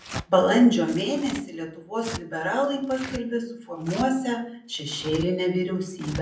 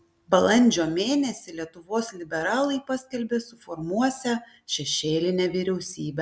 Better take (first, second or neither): second